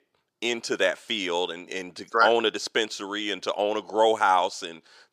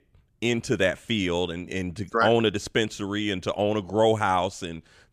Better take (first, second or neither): second